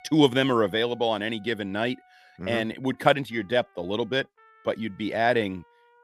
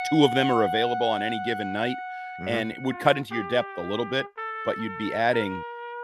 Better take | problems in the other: first | background music; loud; throughout; 7 dB below the speech; faint in the first

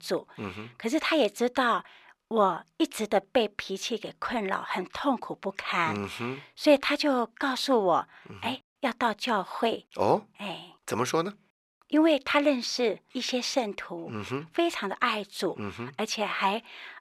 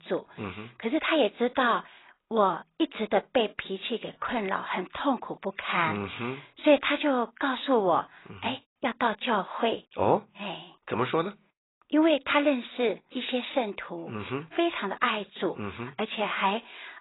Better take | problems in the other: first | garbled, watery; badly; nothing above 4 kHz

